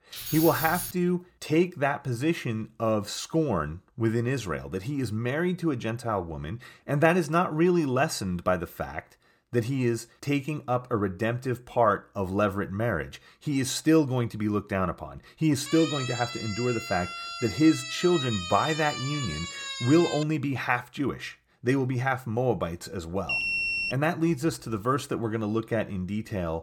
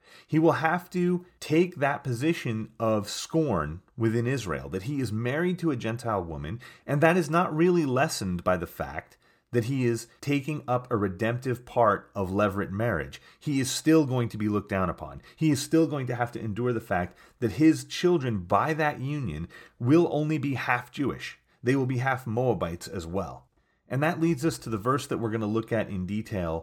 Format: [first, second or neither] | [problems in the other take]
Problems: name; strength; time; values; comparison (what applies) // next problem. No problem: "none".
second | jangling keys; noticeable; at the start; peak 3 dB below the speech // siren; noticeable; from 16 to 20 s; peak 5 dB below the speech // alarm; loud; at 23 s; peak 3 dB above the speech